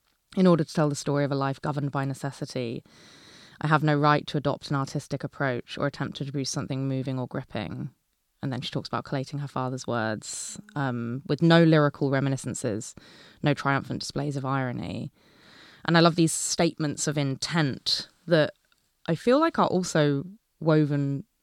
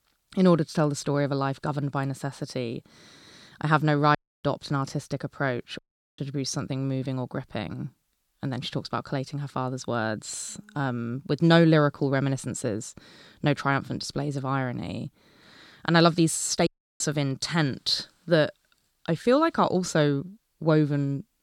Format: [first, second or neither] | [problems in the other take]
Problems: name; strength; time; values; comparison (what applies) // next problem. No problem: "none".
first | audio cutting out; at 4 s, at 6 s and at 17 s